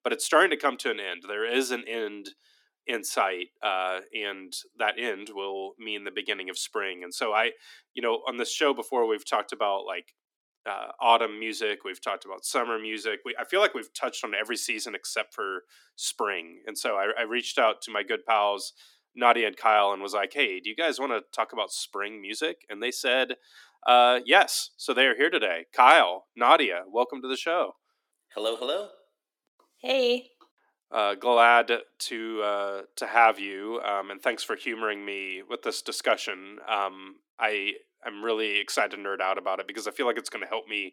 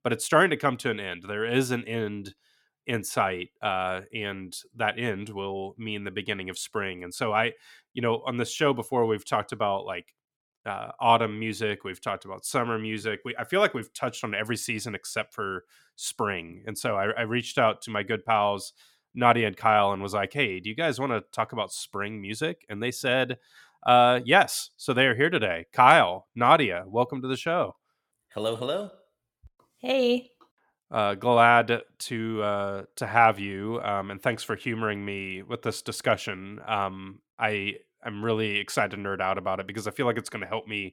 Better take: second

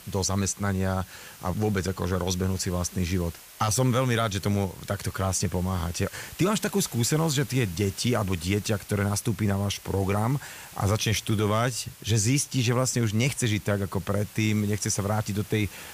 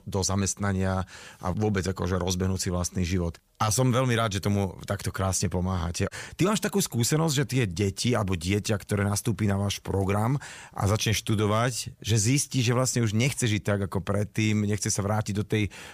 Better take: second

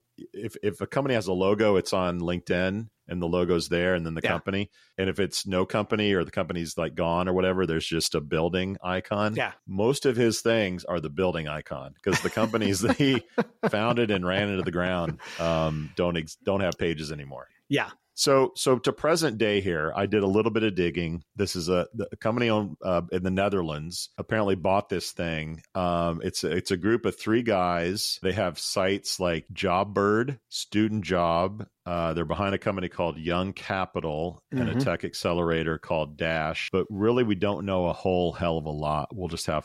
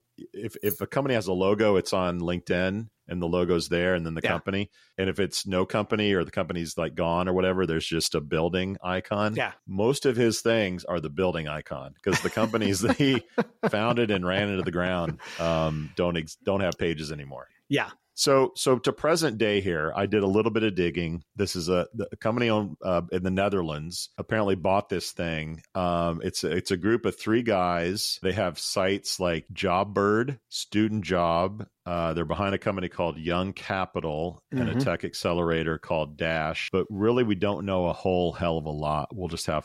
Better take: first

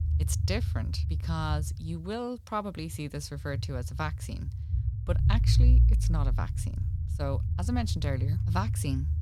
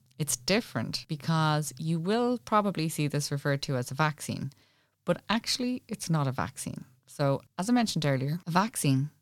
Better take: second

